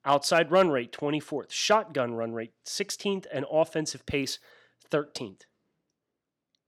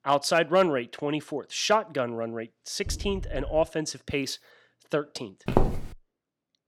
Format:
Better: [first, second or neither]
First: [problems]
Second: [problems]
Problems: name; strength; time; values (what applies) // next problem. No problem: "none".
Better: first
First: none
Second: dog barking; noticeable; at 3 s; peak 10 dB below the speech // footsteps; loud; at 5.5 s; peak 1 dB above the speech